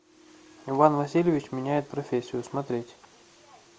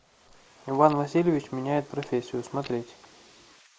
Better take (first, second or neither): first